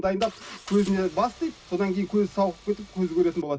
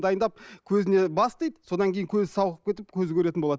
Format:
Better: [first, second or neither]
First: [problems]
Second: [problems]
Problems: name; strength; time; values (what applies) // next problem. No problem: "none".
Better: second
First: background sound (Engine); 19 dB below the speech // room echo; dies away in 0.4 s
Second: none